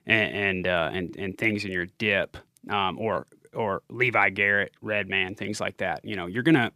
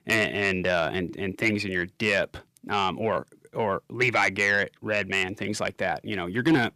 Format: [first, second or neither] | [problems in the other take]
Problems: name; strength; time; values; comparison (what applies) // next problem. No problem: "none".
first | distortion; slight; 10 dB below the speech